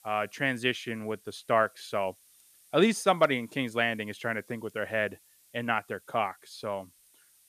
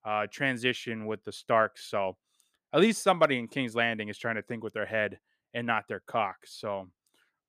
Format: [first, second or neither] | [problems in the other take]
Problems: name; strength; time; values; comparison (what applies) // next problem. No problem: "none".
second | hiss; faint; throughout; 30 dB below the speech